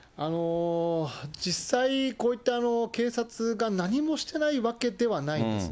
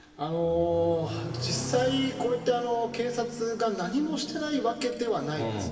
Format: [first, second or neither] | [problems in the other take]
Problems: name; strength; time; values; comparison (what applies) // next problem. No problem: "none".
first | background sound (Accelerating, revving, vroom); 12 dB below the speech // room echo; dies away in 2.4 s